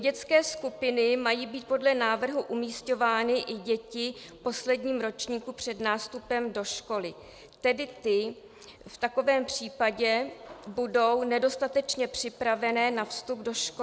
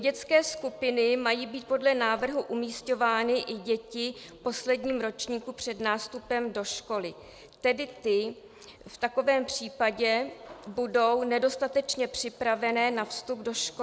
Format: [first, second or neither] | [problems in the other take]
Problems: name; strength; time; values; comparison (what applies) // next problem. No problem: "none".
first | background sound (Drip / Water); 19 dB below the speech